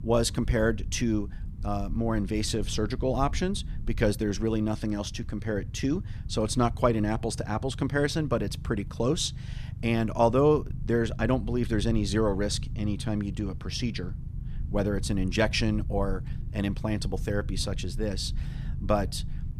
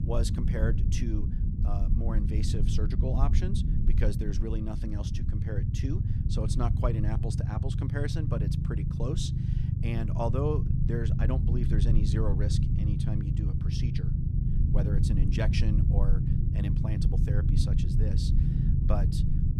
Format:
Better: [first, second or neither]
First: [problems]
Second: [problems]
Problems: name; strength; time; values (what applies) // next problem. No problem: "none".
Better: first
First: low rumble; faint; throughout; 20 dB below the speech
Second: low rumble; loud; throughout; 2 dB below the speech